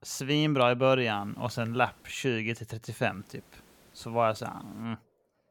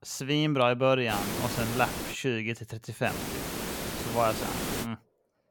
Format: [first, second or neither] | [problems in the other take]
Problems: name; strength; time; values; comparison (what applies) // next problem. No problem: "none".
first | hiss; loud; from 1 to 2 s and from 3 to 5 s; 5 dB below the speech; faint in the first